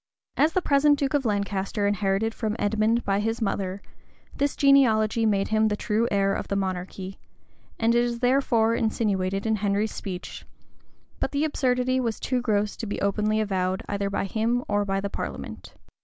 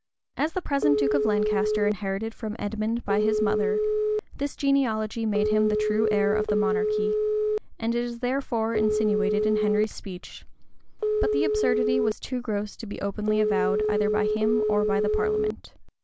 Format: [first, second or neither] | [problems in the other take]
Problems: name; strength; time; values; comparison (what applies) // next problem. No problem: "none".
first | background sound (Telephone); 2 dB above the speech